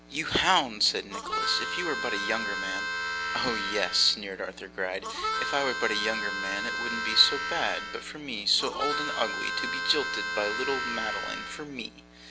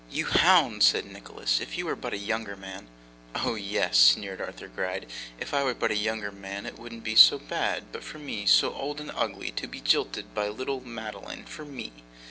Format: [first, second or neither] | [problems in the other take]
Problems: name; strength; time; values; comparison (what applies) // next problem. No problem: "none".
second | background sound (Harmonica); 2 dB below the speech